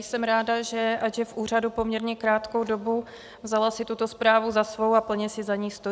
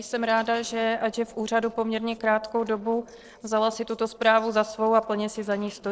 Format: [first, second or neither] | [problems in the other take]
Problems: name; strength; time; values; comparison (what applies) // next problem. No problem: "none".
first | noise reduction (neural separator model SepFormer DNS4)